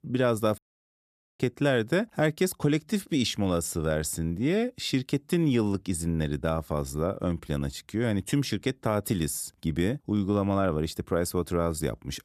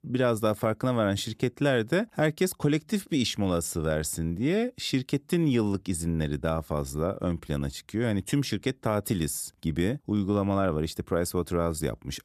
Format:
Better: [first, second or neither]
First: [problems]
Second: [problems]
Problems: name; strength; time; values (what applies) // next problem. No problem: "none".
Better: second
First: audio cutting out; at 0.5 s for 1 s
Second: none